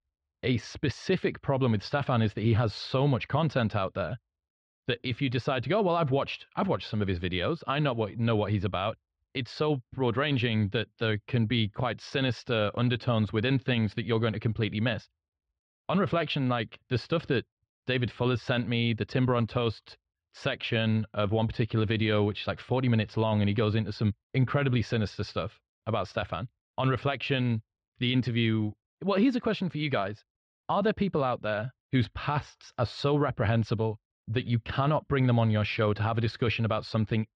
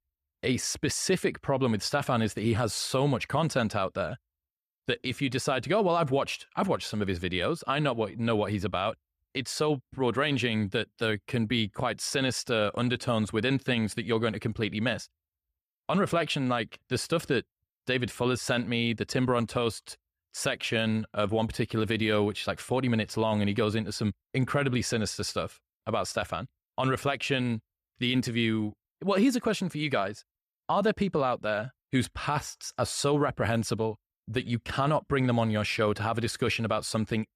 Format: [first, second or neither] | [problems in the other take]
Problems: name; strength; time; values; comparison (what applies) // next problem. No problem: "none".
second | muffled; very slightly; fading above 4 kHz